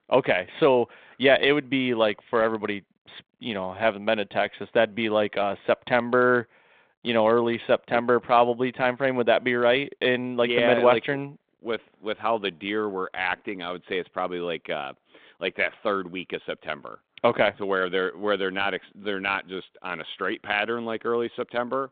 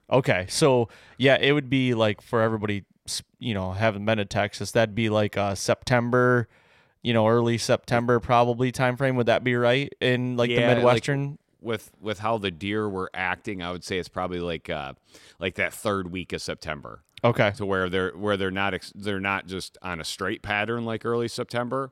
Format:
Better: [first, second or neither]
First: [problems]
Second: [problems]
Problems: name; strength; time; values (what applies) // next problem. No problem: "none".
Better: second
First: phone-call audio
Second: none